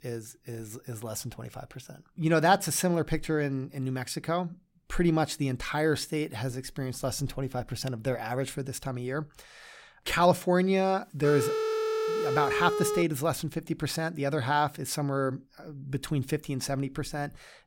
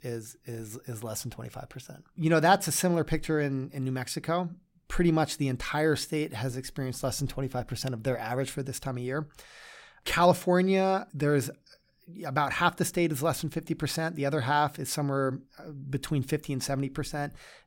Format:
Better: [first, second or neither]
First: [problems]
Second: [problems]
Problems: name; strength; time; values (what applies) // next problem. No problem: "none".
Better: second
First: phone ringing; loud; from 11 to 13 s; peak level with the speech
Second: none